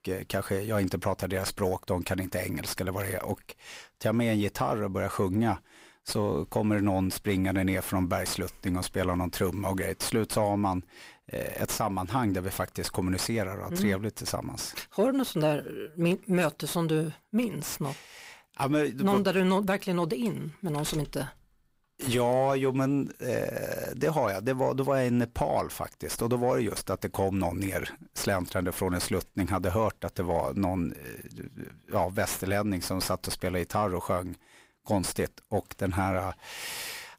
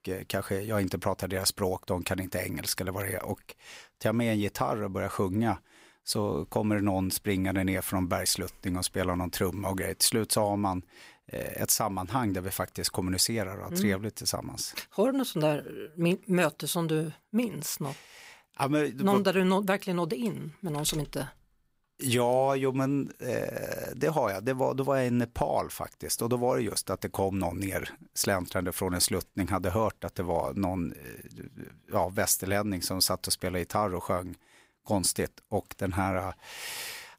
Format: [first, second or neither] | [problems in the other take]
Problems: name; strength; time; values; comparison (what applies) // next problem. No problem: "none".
second | distortion; slight; 10 dB below the speech